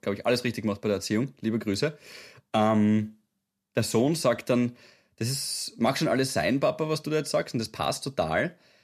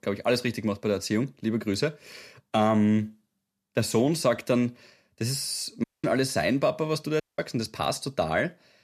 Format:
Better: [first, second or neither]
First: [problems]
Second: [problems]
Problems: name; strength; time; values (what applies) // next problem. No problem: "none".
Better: first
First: none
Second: audio cutting out; at 6 s and at 7 s